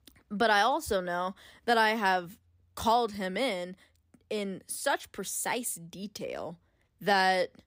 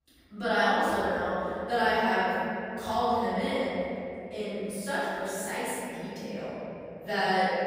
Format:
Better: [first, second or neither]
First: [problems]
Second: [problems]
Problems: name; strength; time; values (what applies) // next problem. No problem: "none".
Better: first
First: none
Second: off-mic speech; far // room echo; strong; dies away in 3 s